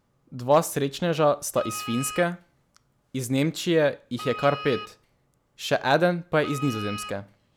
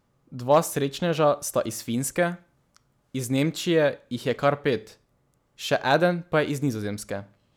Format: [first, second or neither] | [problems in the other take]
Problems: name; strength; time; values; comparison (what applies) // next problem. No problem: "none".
second | background sound (Wind instrument, woodwind instrument); 13 dB below the speech